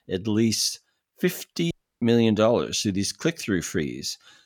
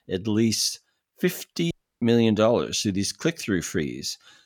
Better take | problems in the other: neither | audio cutting out; at 1.5 s; the same in both

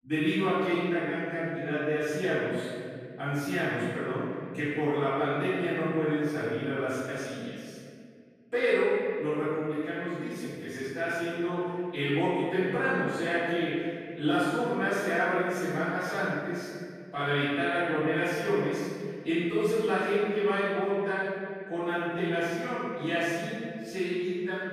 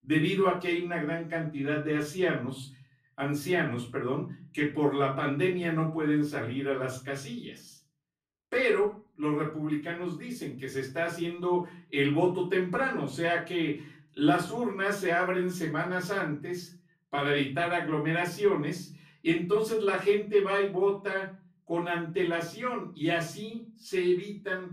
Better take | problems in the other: second | room echo; strong; dies away in 2 s; slight in the second // off-mic speech; far; far in the second

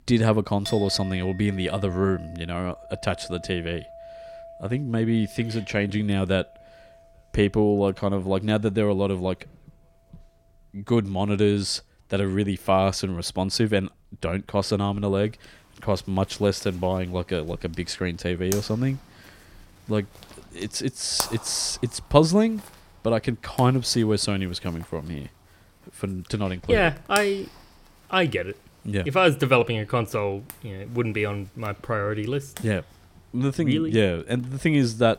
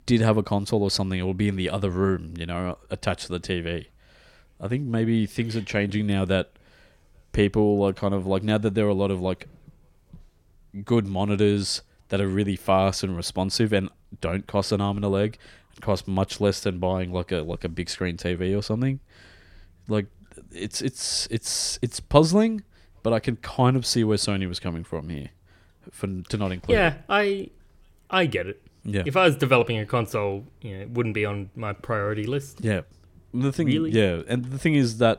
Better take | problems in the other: second | household noises; noticeable; throughout; 15 dB below the speech

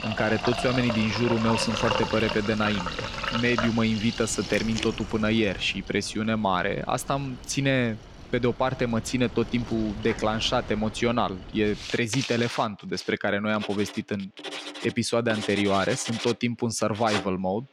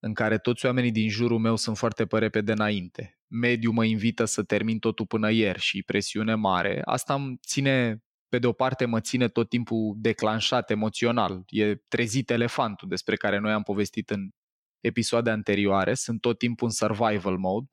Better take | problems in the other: second | household noises; loud; throughout; 7 dB below the speech

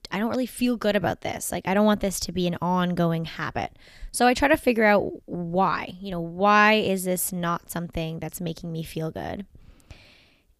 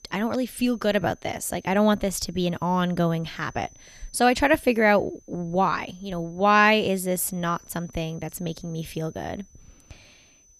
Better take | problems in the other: first | high-pitched whine; faint; throughout; 6 kHz, 30 dB below the speech

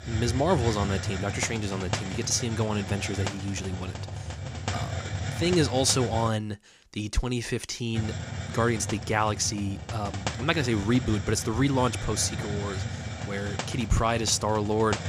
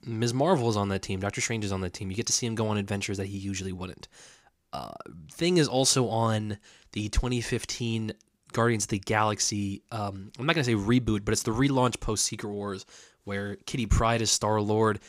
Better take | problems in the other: second | hiss; loud; until 6.5 s and from 8 s on; 6 dB below the speech

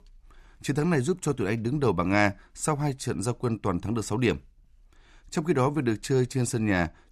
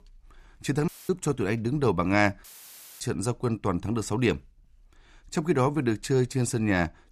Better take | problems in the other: first | audio cutting out; filled with static; at 1 s and at 2.5 s for 0.5 s

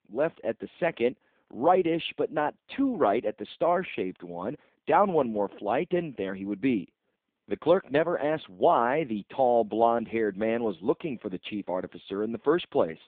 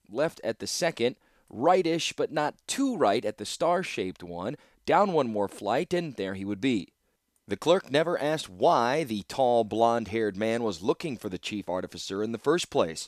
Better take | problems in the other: second | phone-call audio; poor line; nothing above 3.5 kHz

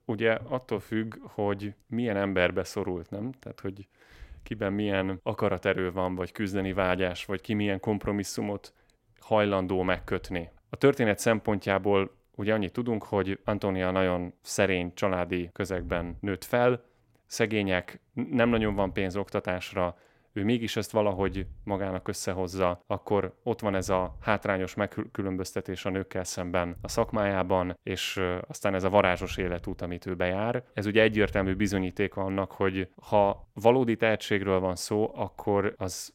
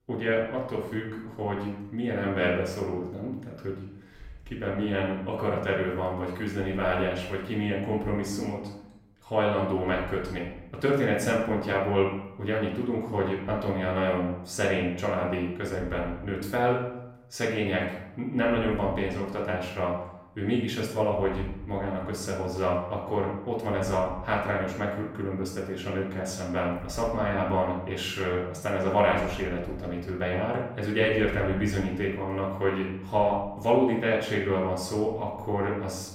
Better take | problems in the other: first | room echo; noticeable; dies away in 0.7 s // off-mic speech; far

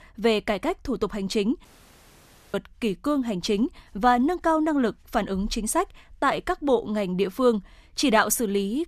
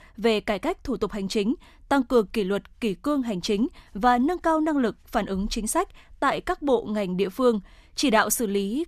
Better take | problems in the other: second | audio cutting out; at 1.5 s for 1 s

